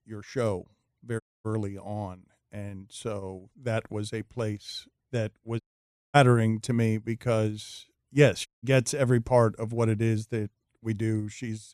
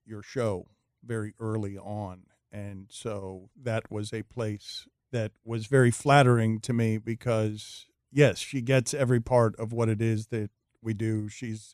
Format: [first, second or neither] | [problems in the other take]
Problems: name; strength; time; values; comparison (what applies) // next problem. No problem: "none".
second | audio cutting out; at 1 s, at 5.5 s for 0.5 s and at 8.5 s